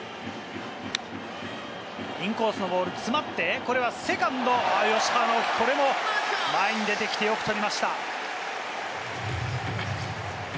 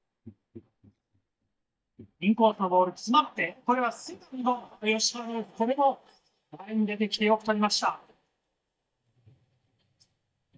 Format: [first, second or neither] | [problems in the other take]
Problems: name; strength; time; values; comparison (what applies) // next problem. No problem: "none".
first | noise reduction (neural mask model DeepFilterNet 3)